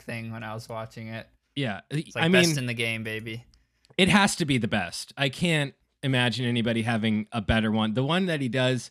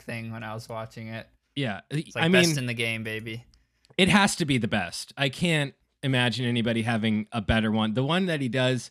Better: neither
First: none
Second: none

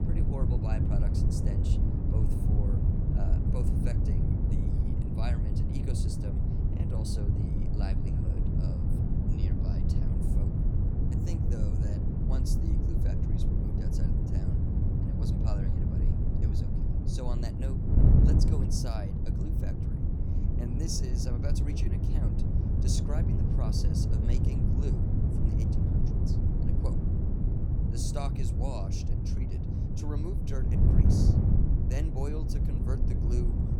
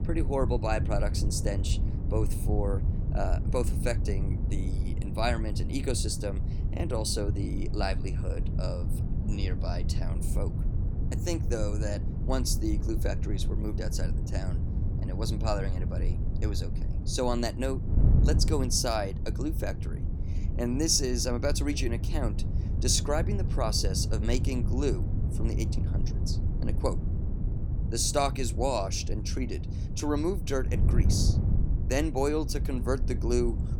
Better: second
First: wind noise on the microphone; heavy; 4 dB above the speech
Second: wind noise on the microphone; occasional gusts; 10 dB below the speech

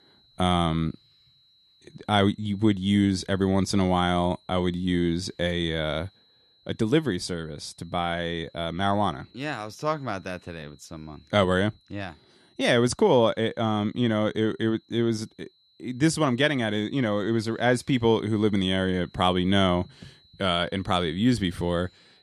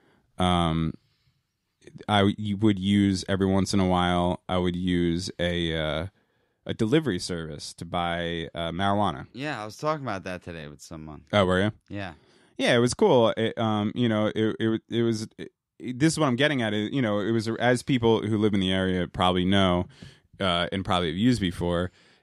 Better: second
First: high-pitched whine; faint; throughout; 4 kHz, 35 dB below the speech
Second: none

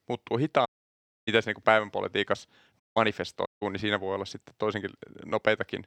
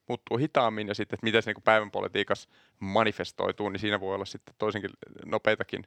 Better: second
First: audio cutting out; at 0.5 s for 0.5 s, at 3 s and at 3.5 s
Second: none

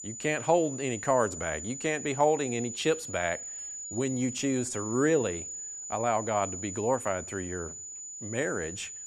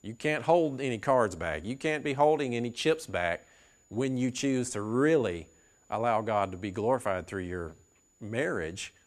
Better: second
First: high-pitched whine; loud; throughout; 7 kHz, 8 dB below the speech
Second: high-pitched whine; faint; throughout; 7 kHz, 35 dB below the speech

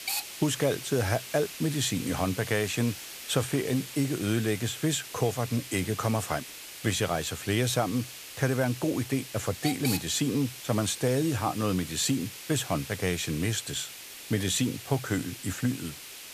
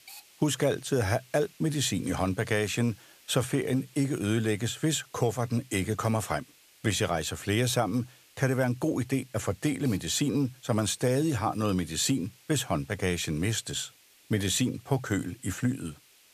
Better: second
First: hiss; loud; throughout; 10 dB below the speech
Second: hiss; faint; throughout; 25 dB below the speech

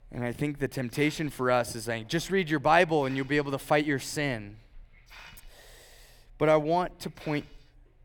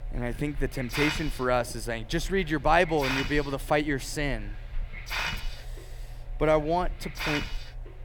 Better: first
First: hiss; faint; throughout; 25 dB below the speech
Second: hiss; loud; throughout; 8 dB below the speech

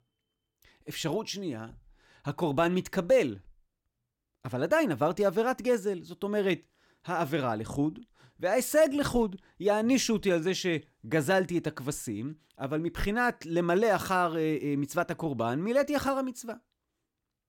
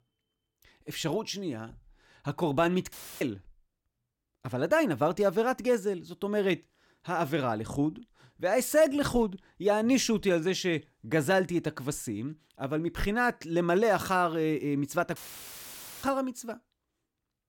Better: first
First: none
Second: audio cutting out; filled with static; at 3 s and at 15 s for 1 s

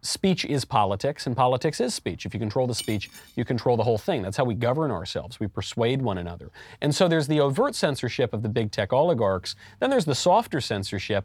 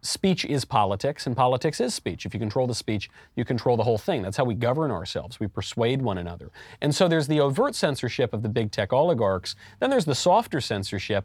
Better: second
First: clattering dishes; faint; at 3 s; peak 10 dB below the speech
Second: none

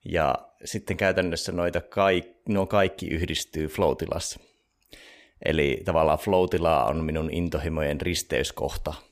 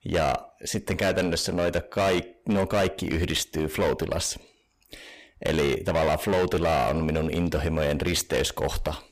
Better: first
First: none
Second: distortion; heavy; 15% of the sound clipped

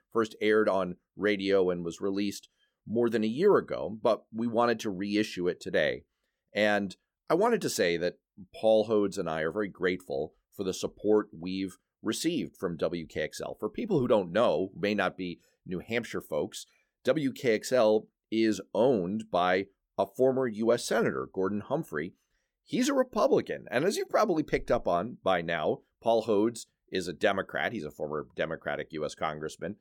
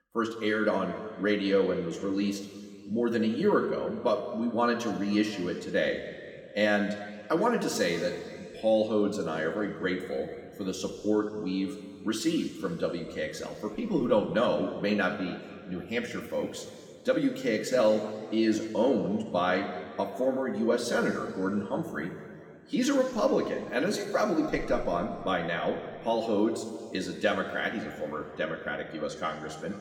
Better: first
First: none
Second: room echo; noticeable; dies away in 2 s // off-mic speech; somewhat distant

